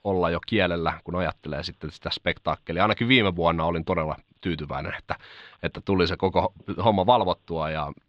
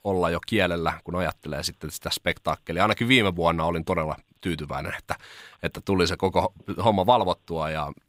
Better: second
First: muffled; very slightly; fading above 4 kHz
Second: none

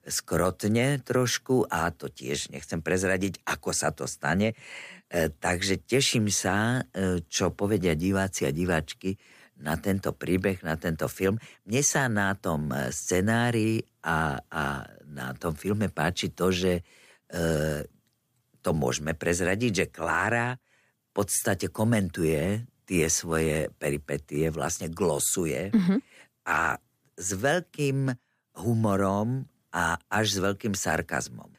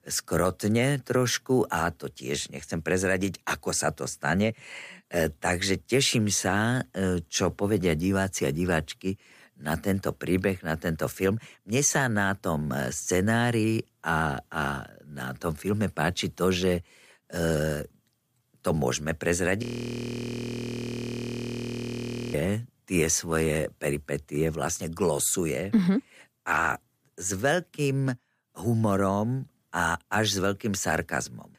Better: first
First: none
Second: audio freezing; at 20 s for 2.5 s

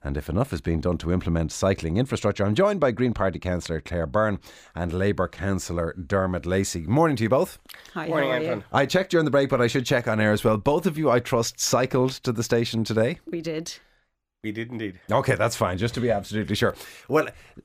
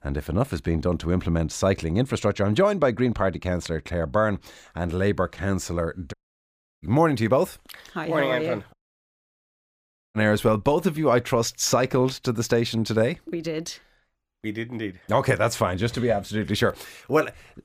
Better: first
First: none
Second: audio cutting out; at 6 s for 0.5 s and at 8.5 s for 1.5 s

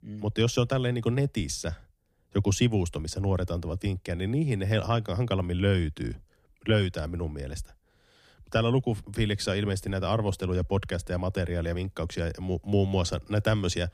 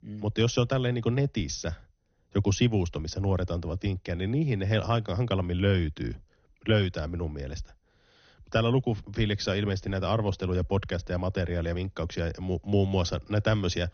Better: first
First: none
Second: garbled, watery; slightly; nothing above 6.5 kHz

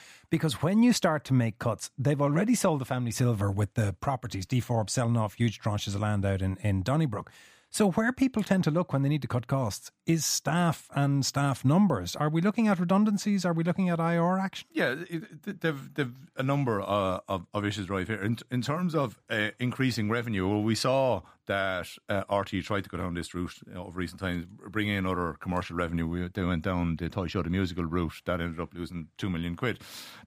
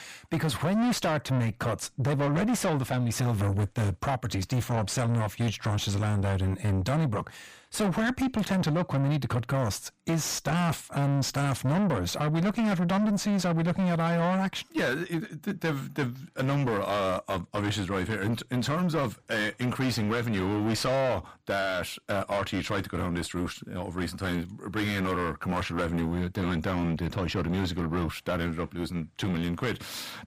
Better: first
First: none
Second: distortion; heavy; 7 dB below the speech

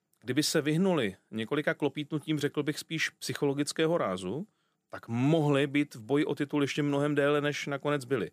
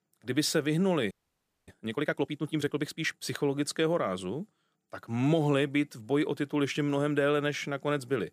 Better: first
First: none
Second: audio freezing; at 1 s for 0.5 s

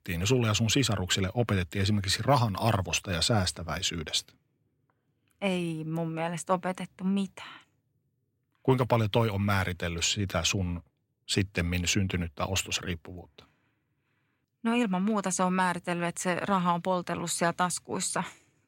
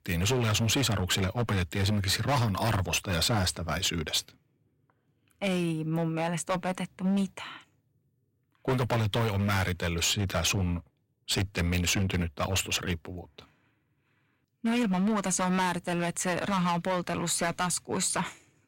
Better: first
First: none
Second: distortion; heavy; 12% of the sound clipped

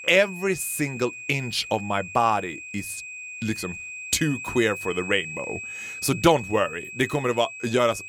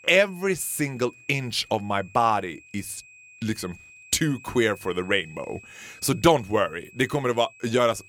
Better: second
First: high-pitched whine; loud; throughout; 2.5 kHz, 10 dB below the speech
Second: high-pitched whine; faint; throughout; 2.5 kHz, 20 dB below the speech

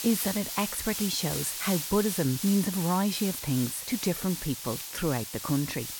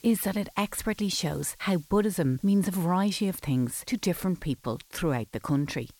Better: second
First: hiss; loud; throughout; 4 dB below the speech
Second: hiss; faint; throughout; 25 dB below the speech

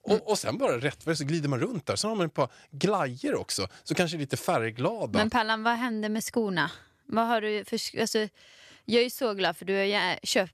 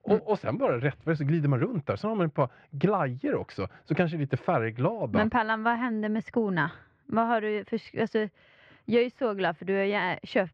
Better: first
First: none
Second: muffled; very; fading above 2.5 kHz

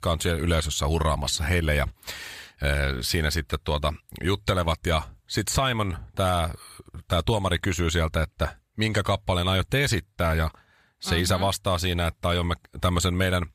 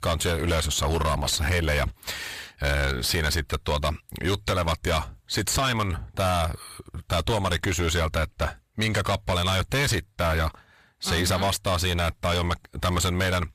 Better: first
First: none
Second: distortion; heavy; 20% of the sound clipped

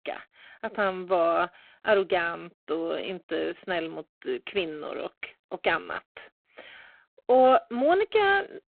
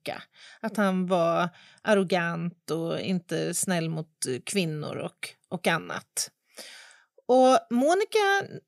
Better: second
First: phone-call audio; poor line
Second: none

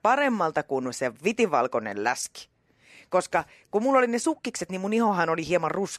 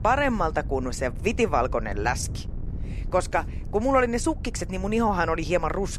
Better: first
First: none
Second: wind noise on the microphone; occasional gusts; 20 dB below the speech

